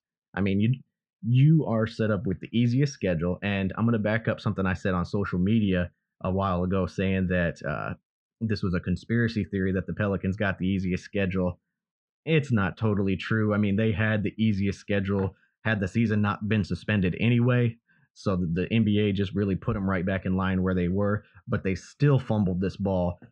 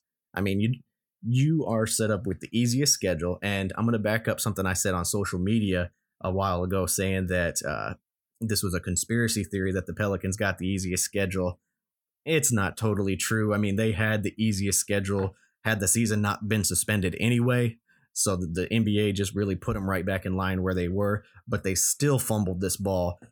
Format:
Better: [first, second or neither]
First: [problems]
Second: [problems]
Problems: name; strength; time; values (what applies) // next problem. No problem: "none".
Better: second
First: muffled; very; fading above 3.5 kHz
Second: none